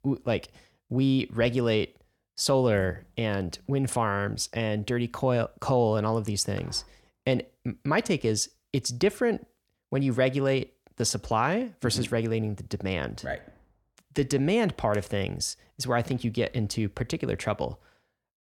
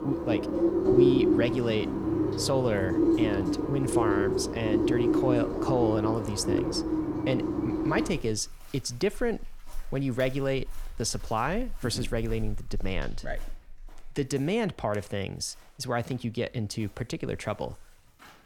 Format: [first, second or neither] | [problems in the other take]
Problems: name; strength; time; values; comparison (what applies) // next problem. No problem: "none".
first | animal sounds; very loud; throughout; 3 dB above the speech